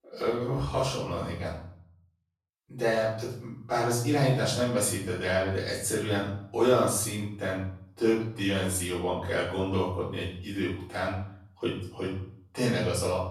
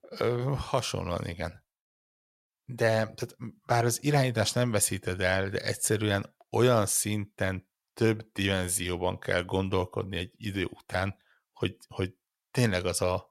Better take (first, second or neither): second